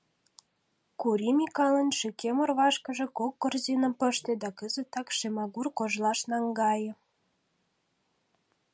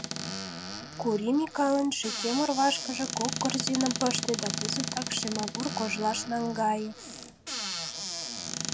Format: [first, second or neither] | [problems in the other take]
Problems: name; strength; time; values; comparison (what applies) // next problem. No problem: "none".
first | background sound (Squeak / Cupboard open or close); 5 dB below the speech